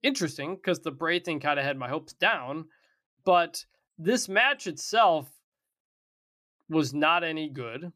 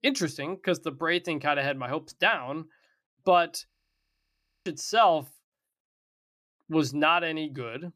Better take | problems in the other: first | audio freezing; at 3.5 s for 1 s

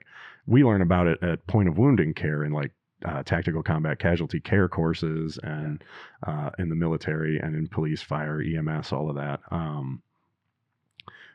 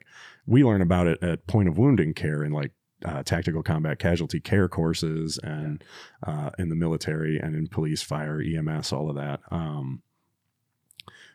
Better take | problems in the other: second | muffled; slightly; fading above 2.5 kHz

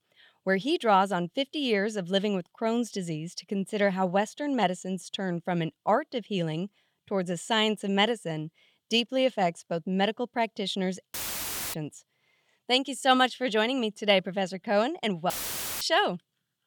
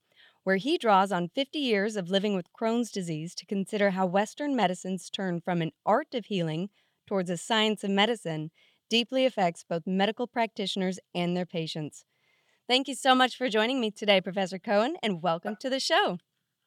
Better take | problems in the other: second | audio cutting out; filled with static; at 11 s for 0.5 s and at 15 s for 0.5 s

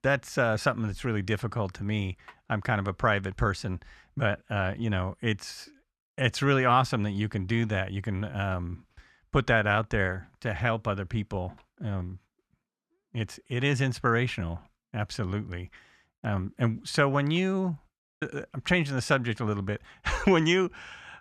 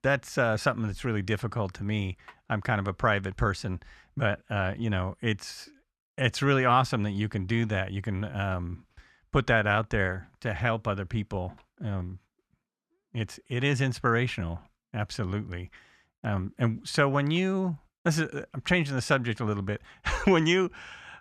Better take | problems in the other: second | audio cutting out; at 18 s

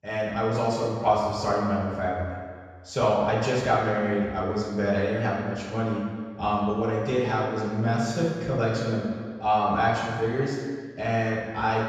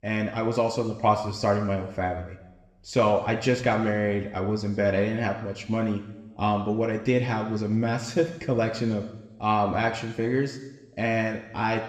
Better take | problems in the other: second | room echo; strong; dies away in 1.7 s; slight in the second // off-mic speech; far; somewhat distant in the second

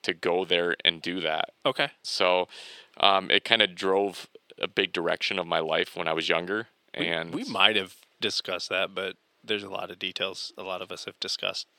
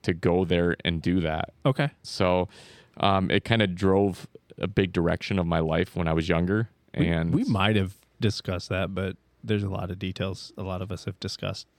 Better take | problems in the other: second | thin; somewhat; fading below 450 Hz

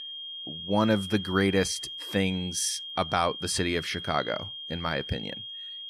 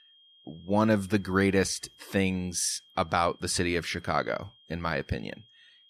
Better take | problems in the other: second | high-pitched whine; loud; throughout; 3 kHz, 8 dB below the speech; faint in the second

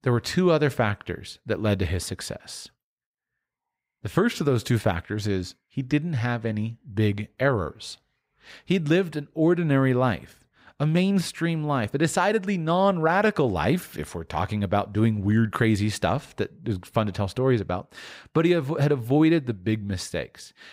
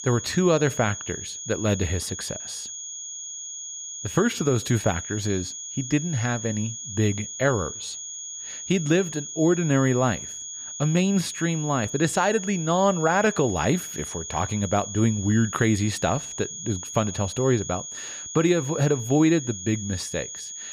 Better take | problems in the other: first | high-pitched whine; loud; throughout; 6.5 kHz, 8 dB below the speech

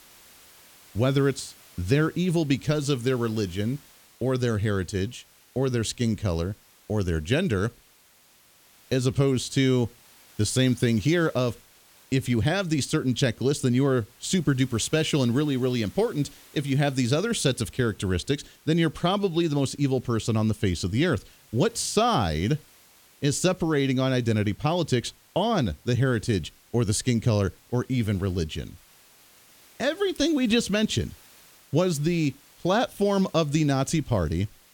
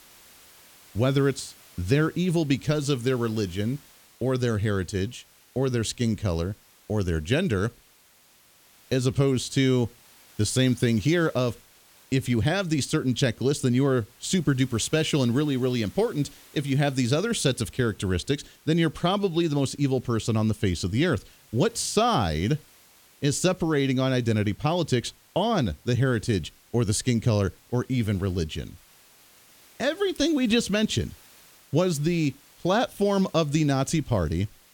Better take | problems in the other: neither | hiss; faint; throughout; 25 dB below the speech; the same in both

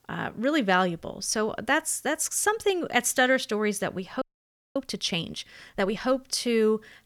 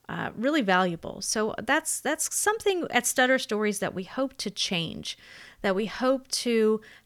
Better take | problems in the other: second | audio freezing; at 4 s for 0.5 s

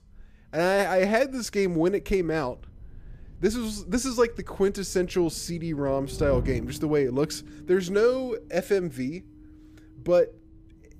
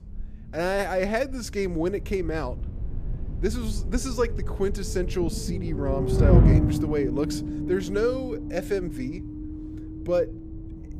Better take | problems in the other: first | low rumble; loud; throughout; 6 dB below the speech; faint in the first

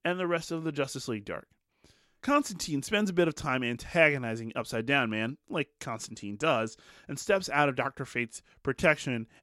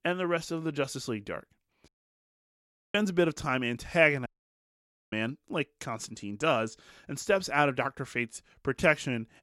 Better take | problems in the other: first | audio cutting out; at 2 s for 1 s and at 4.5 s for 1 s

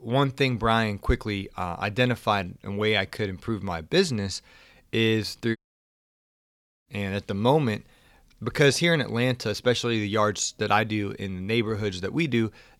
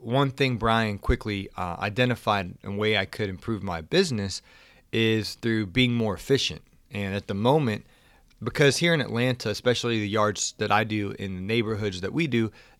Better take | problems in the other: second | audio cutting out; at 5.5 s for 1.5 s

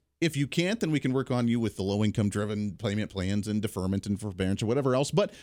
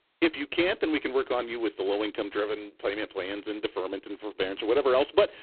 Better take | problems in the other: first | phone-call audio; poor line; nothing above 3.5 kHz

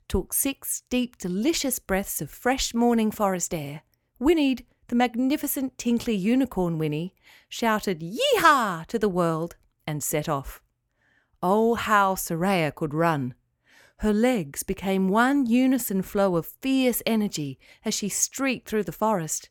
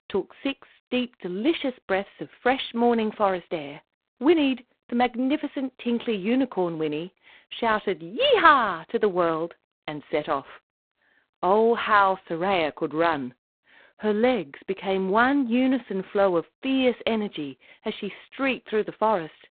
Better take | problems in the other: first | phone-call audio; poor line

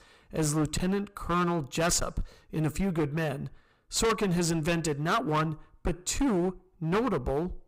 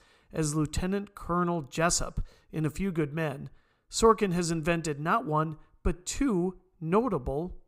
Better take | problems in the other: second | distortion; heavy; 14% of the sound clipped

